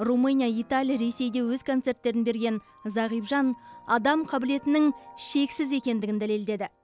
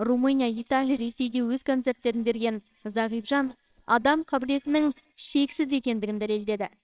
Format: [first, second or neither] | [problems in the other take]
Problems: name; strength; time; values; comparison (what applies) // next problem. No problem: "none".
first | noise reduction (neural separator model SepFormer WHAMR!)